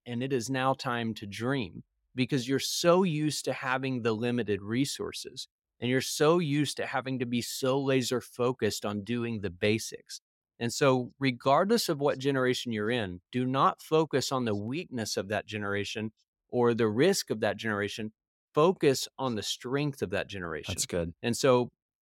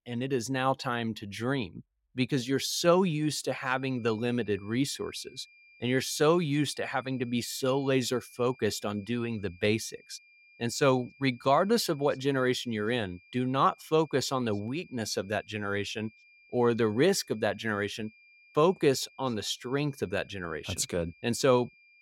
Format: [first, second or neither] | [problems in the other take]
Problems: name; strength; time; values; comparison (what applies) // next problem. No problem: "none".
first | high-pitched whine; faint; from 4 s on; 2.5 kHz, 25 dB below the speech